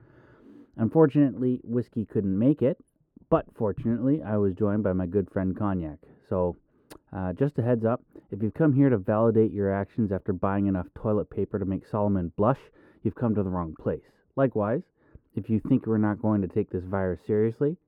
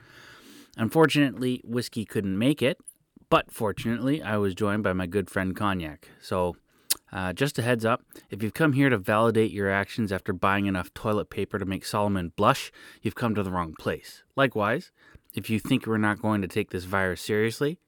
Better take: second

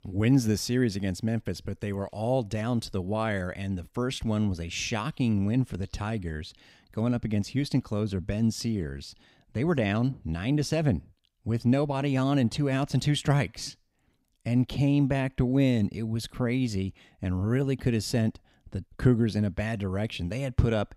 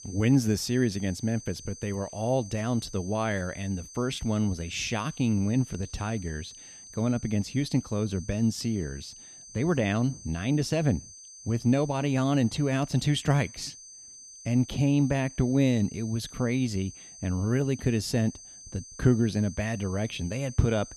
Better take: first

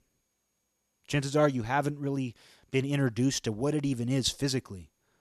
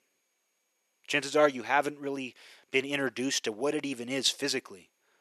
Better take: first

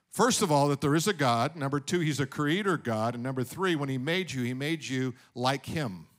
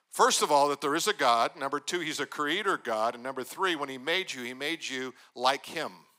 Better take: first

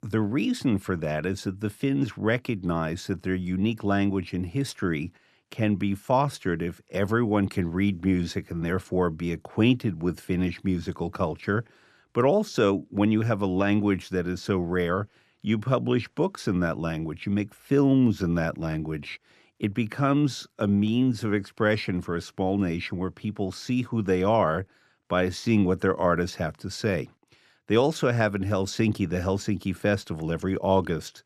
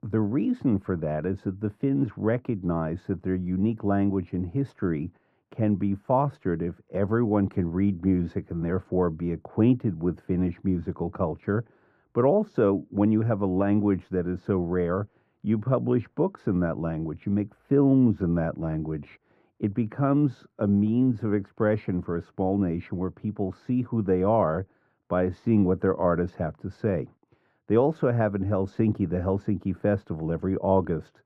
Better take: first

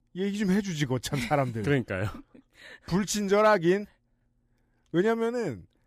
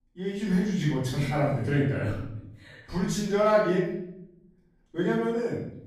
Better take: first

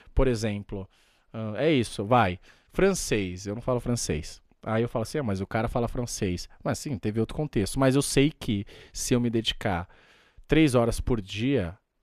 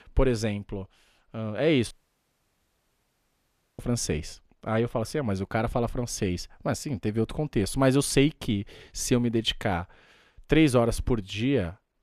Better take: first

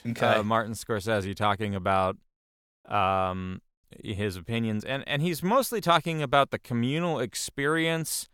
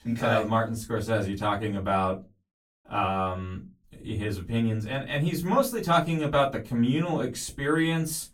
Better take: first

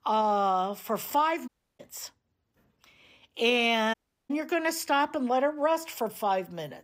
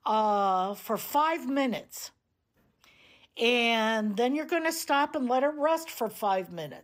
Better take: second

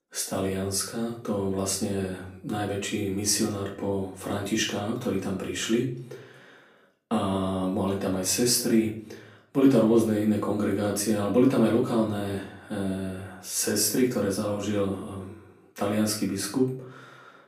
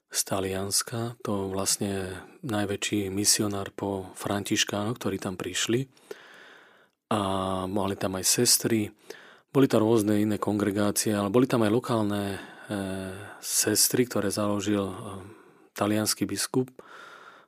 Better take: second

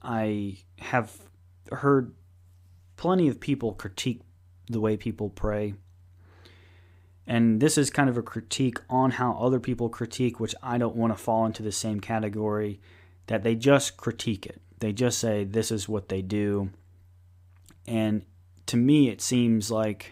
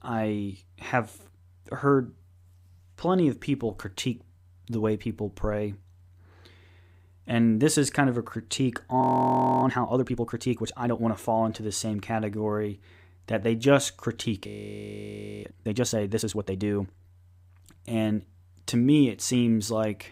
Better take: first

